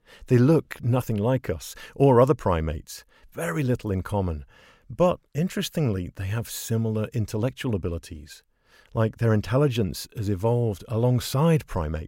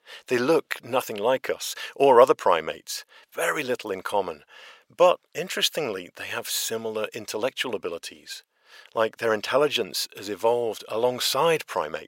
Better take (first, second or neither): first